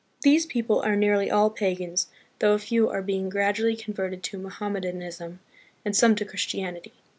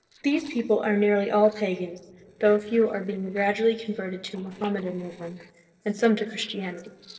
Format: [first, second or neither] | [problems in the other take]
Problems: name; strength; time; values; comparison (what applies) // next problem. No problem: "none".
first | noise reduction (neural separator model SepFormer DNS4)